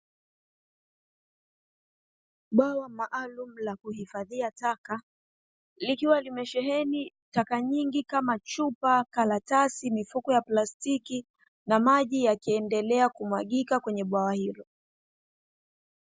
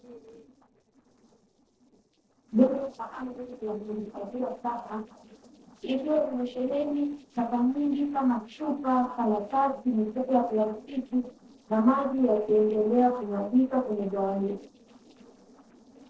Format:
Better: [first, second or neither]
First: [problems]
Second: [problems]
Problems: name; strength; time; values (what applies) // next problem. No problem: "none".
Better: first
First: none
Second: noise reduction (neural separator model SepFormer DNS4)